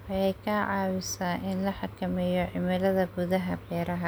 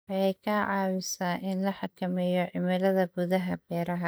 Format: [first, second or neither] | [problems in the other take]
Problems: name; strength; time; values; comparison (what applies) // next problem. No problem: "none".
first | noise reduction (neural mask model DeepFilterNet 3)